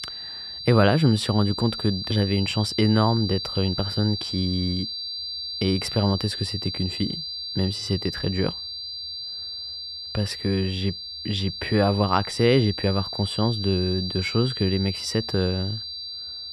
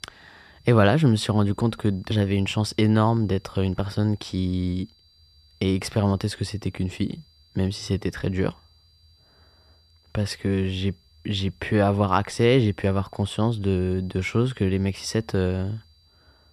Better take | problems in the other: second | high-pitched whine; loud; throughout; 4.5 kHz, 6 dB below the speech; faint in the second

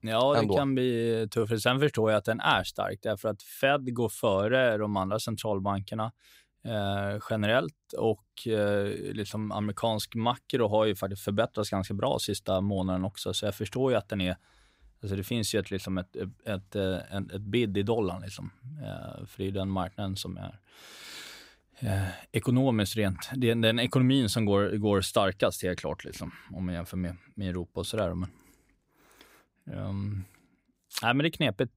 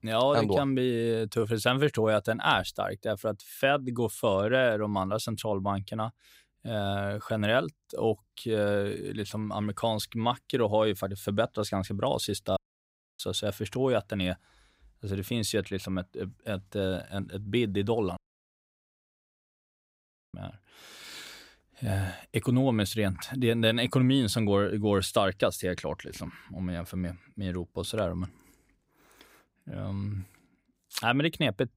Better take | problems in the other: first | audio cutting out; at 13 s for 0.5 s and at 18 s for 2 s

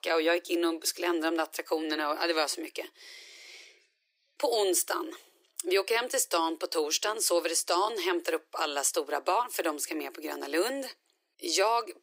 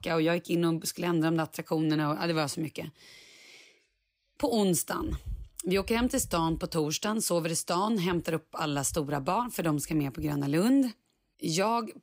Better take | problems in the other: second | thin; very; fading below 350 Hz

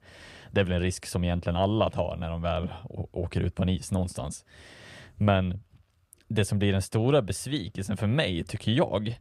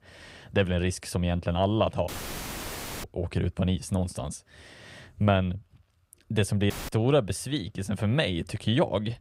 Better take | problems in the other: first | audio cutting out; filled with static; at 2 s for 1 s and at 6.5 s

